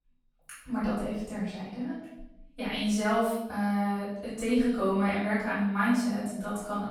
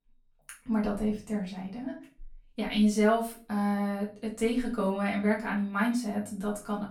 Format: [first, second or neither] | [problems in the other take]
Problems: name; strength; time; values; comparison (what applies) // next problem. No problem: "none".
second | room echo; strong; dies away in 0.8 s; slight in the second // off-mic speech; far; far in the second